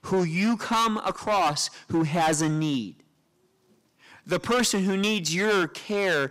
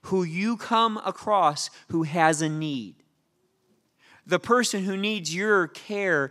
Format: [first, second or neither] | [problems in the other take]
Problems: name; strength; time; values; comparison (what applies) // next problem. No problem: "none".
second | distortion; heavy; 12% of the sound clipped